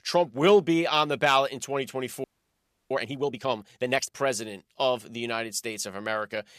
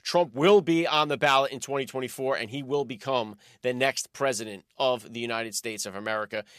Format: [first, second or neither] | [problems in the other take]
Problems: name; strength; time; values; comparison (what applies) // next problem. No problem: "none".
second | audio freezing; at 2 s for 0.5 s